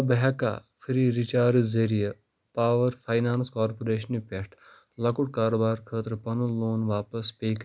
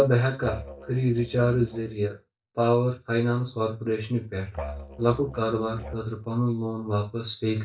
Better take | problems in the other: first | noise reduction (neural mask model DeepFilterNet 3)

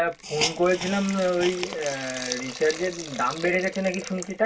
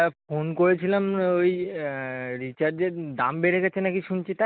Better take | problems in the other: second | background sound (Hiss); 9 dB below the speech // room echo; dies away in 0.1 s

